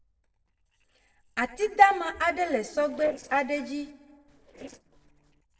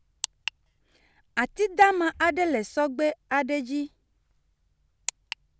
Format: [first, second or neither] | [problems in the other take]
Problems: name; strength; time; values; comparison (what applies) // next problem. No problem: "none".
second | noise reduction (neural separator model SepFormer DNS4)